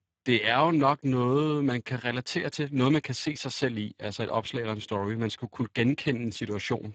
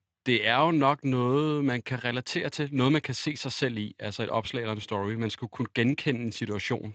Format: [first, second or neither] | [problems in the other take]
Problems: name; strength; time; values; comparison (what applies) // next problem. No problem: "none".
second | garbled, watery; badly; nothing above 7.5 kHz; slightly in the second